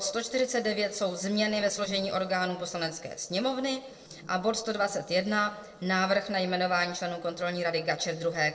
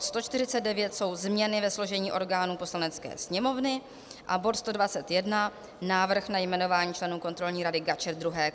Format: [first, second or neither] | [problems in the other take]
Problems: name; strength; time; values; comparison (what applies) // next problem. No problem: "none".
second | noise reduction (neural separator model SepFormer DNS4)